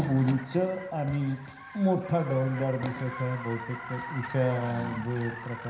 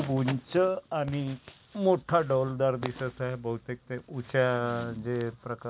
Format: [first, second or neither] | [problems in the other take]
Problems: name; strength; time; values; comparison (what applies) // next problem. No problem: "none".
second | background sound (Car); 13 dB below the speech // room echo; dies away in 0.9 s